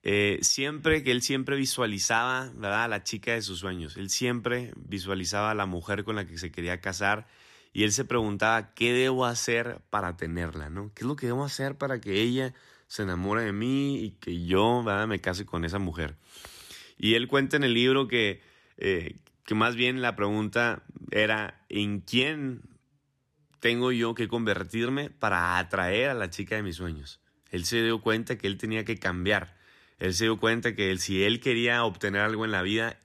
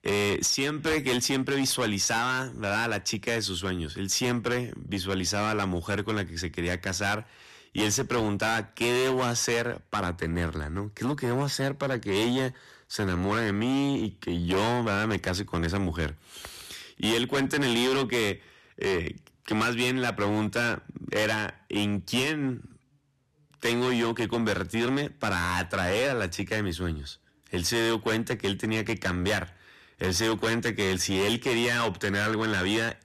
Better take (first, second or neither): first